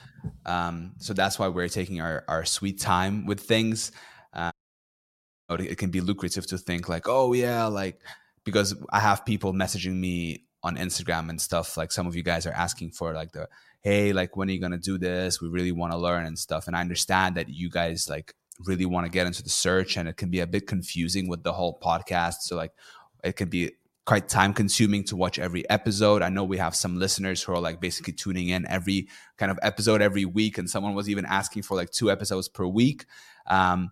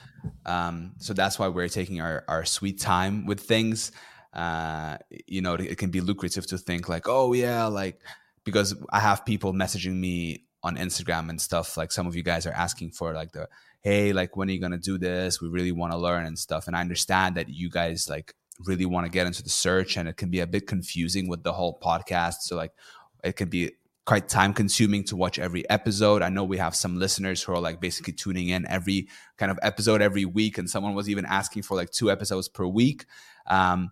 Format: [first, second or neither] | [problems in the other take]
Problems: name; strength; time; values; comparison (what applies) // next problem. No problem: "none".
second | audio cutting out; at 4.5 s for 1 s